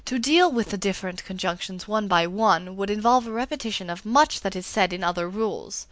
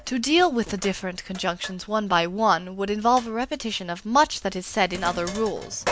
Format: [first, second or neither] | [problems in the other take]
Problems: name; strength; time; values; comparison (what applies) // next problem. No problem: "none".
first | background sound (Sink (filling or washing)); 14 dB below the speech